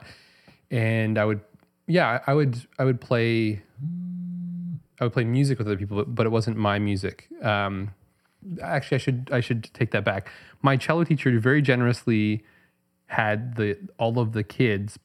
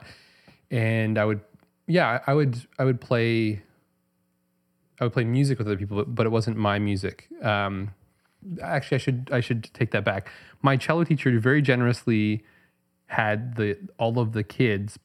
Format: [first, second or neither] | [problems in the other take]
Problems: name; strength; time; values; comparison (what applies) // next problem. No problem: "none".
second | phone ringing; noticeable; from 4 to 5 s; peak 8 dB below the speech